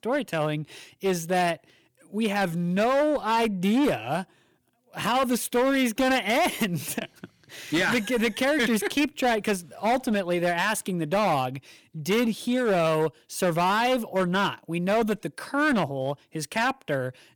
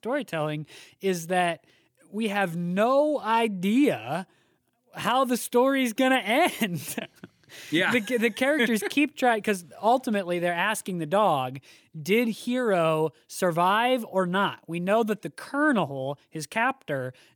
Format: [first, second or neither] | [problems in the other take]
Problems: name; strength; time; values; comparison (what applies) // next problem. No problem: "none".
second | distortion; slight; 13% of the sound clipped